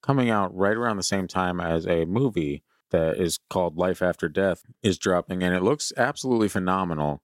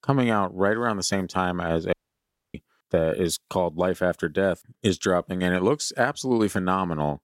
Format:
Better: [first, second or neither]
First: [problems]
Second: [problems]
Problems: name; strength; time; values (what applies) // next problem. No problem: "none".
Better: first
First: none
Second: audio cutting out; at 2 s for 0.5 s